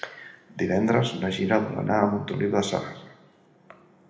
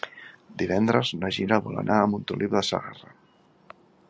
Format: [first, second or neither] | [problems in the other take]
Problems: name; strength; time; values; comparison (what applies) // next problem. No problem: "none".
second | room echo; dies away in 0.8 s